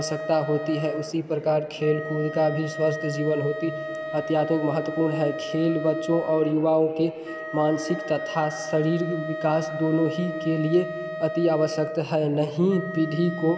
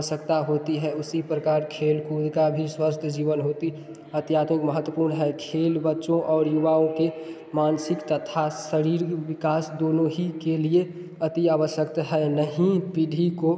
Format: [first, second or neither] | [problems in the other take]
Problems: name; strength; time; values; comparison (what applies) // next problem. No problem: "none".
second | background sound (Wind instrument, woodwind instrument); 9 dB below the speech